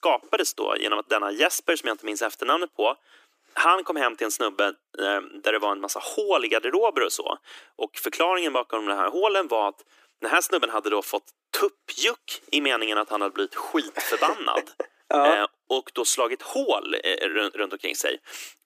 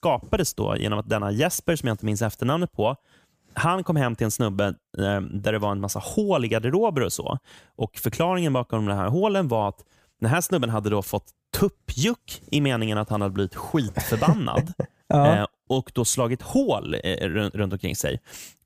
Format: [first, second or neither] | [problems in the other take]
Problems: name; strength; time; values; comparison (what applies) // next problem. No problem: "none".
second | thin; very; fading below 300 Hz